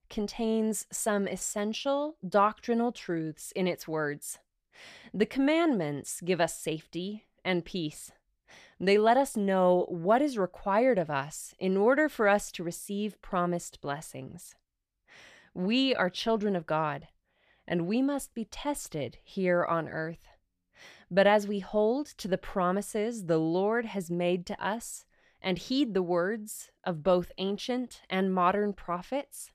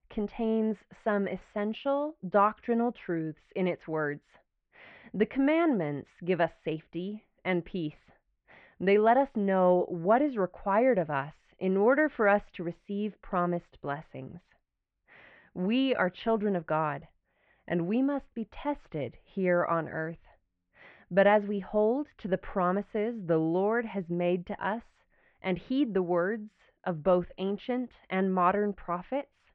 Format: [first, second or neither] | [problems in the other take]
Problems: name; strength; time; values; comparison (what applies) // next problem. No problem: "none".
first | muffled; very; fading above 2.5 kHz